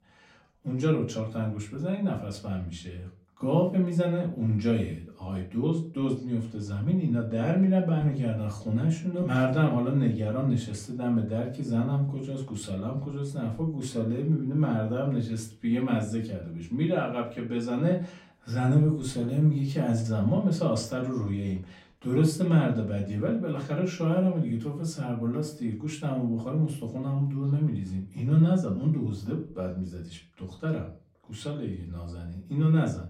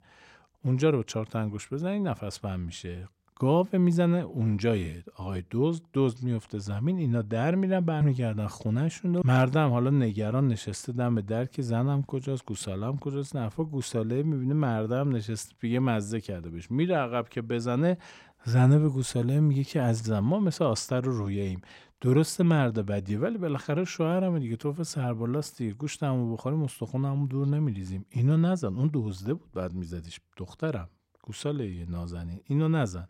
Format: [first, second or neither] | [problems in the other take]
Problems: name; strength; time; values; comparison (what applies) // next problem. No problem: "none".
second | off-mic speech; far // room echo; very slight; dies away in 0.3 s